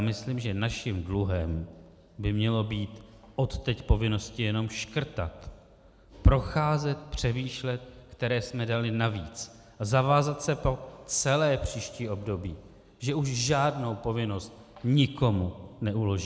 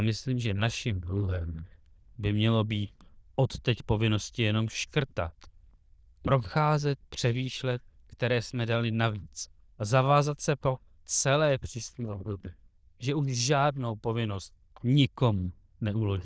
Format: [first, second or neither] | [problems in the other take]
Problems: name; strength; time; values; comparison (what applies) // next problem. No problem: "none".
first | noise reduction (neural diffusion model UNIVERSE++)